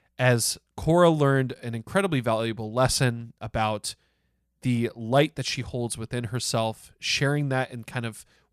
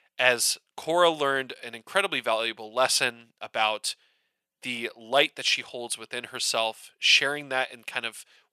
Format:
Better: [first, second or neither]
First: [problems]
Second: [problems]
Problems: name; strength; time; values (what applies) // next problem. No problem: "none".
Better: first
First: none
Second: thin; very; fading below 550 Hz